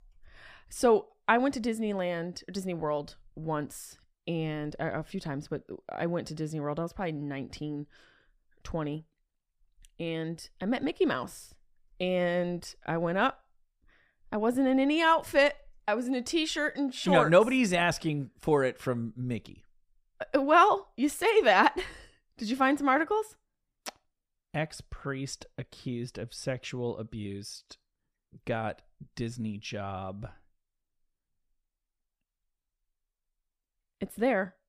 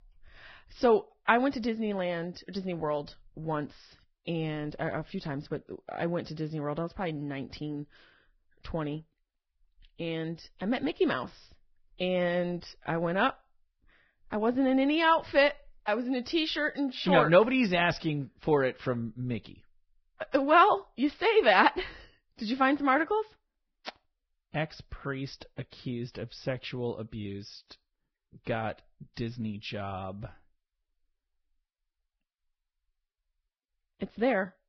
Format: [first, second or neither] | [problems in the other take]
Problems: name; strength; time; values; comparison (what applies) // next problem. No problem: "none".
first | garbled, watery; badly; nothing above 5.5 kHz